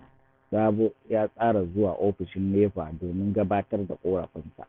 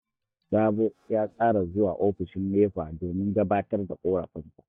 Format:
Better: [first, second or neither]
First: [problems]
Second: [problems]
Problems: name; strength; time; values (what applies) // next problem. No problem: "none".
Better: first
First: none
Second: noise reduction (neural mask model DeepFilterNet 3)